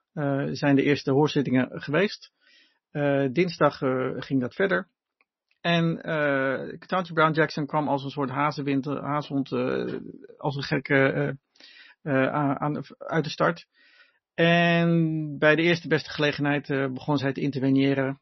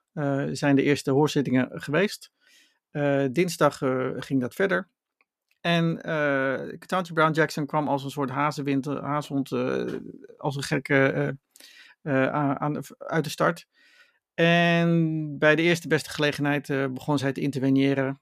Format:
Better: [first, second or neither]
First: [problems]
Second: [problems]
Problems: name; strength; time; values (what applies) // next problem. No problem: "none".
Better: second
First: garbled, watery; slightly; nothing above 6 kHz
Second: none